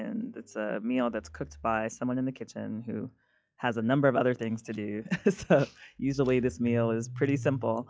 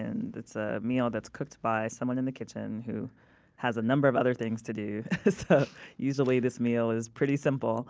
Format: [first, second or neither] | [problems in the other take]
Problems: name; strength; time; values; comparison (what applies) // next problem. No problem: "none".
second | noise reduction (classical method log-MMSE)